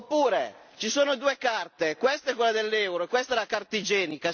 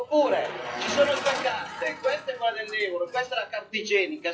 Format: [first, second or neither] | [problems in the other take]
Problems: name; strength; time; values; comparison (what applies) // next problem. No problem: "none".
first | noise reduction (classical method WPE with log-MMSE)